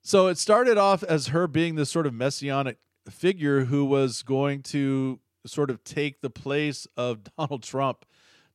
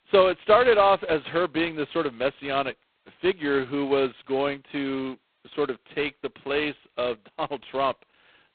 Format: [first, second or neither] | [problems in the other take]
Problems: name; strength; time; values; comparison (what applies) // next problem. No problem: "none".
first | phone-call audio; poor line; nothing above 4 kHz